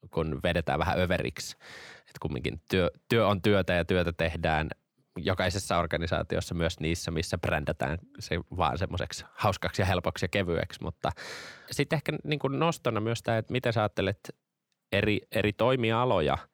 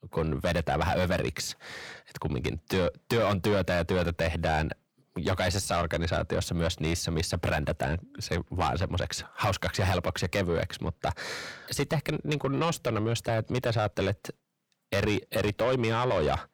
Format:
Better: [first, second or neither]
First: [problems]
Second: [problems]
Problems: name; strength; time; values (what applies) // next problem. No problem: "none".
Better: first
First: none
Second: distortion; heavy; 8 dB below the speech